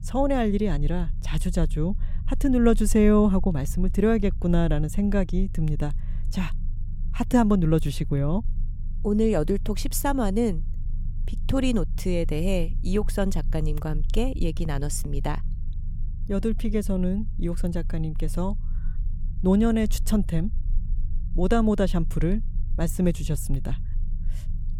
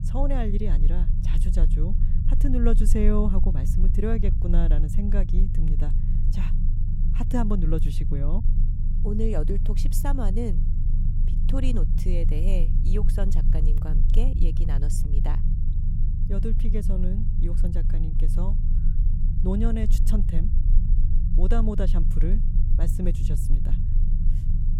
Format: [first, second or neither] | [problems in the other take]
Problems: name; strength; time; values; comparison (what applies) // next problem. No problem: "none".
first | low rumble; loud; throughout; 7 dB below the speech; faint in the first